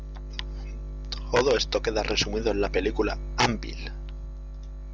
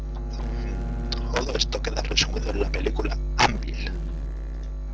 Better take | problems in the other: first | noise reduction (neural separator model SepFormer DNS4)

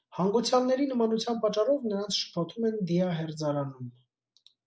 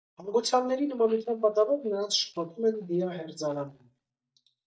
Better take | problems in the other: first | noise reduction (neural mask model DeepFilterNet 3)

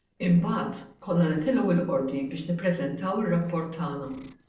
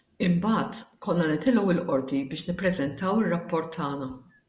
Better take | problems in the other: second | noise reduction (neural separator model SepFormer DNS4)

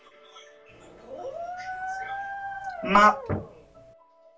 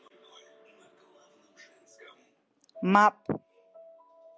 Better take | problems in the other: second | background sound (Dog); 7 dB below the speech // room echo; dies away in 0.2 s

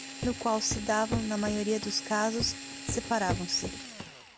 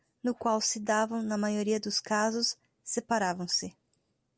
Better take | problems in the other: second | background sound (Drill + Walk, footsteps); 6 dB below the speech

